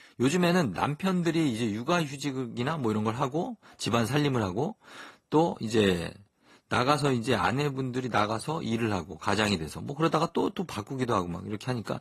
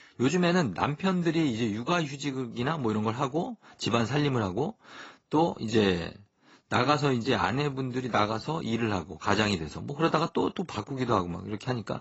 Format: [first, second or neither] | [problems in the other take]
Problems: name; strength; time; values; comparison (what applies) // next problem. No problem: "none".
first | garbled, watery; badly; nothing above 7.5 kHz; slightly in the first